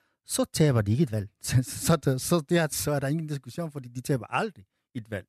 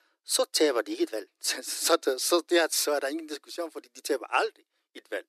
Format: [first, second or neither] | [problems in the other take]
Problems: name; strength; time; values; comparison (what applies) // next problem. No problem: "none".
first | thin; very; fading below 300 Hz